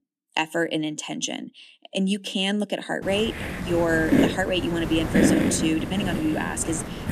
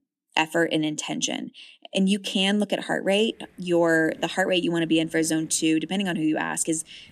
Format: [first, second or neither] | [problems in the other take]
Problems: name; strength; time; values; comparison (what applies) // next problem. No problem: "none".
second | hiss; loud; from 3 s on; as loud as the speech; faint in the second